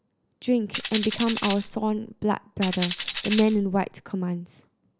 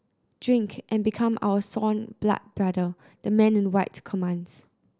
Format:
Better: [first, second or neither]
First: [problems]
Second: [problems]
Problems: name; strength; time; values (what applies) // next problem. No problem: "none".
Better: second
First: background sound (Tambourine); 7 dB below the speech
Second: none